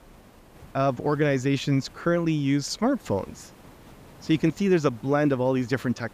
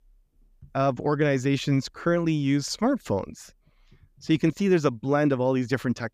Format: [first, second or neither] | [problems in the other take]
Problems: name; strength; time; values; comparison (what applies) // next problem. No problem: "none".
second | hiss; faint; throughout; 25 dB below the speech